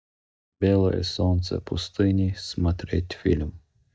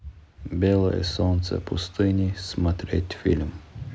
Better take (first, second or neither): second